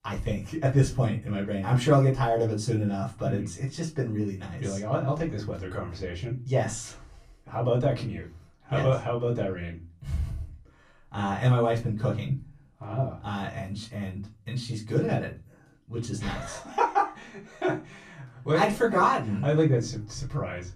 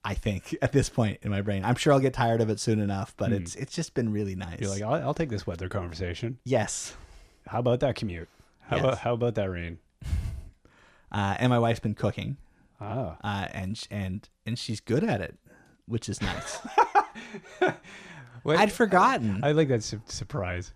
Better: second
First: off-mic speech; far // room echo; very slight; dies away in 0.3 s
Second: none

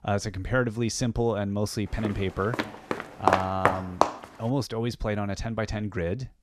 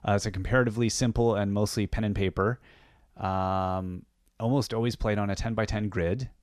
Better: second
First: footsteps; loud; from 2 to 4 s; peak 4 dB above the speech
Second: none

